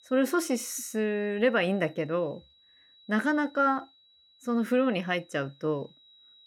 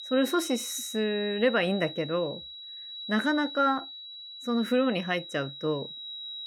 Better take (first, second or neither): first